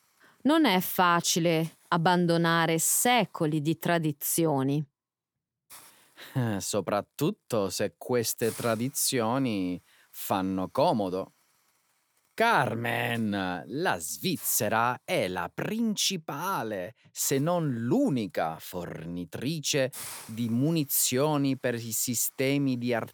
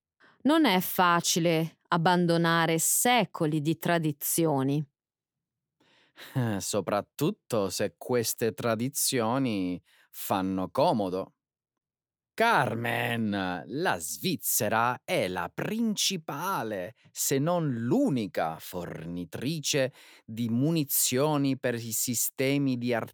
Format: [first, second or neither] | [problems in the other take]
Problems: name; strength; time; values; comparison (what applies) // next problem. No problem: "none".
second | hiss; noticeable; throughout; 20 dB below the speech